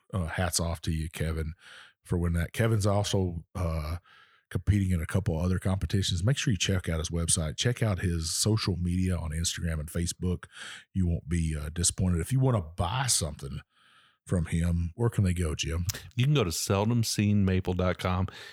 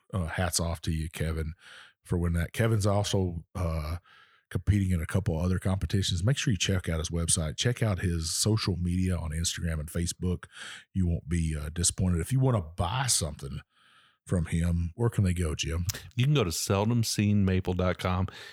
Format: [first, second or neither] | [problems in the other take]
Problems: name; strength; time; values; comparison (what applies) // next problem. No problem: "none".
neither | none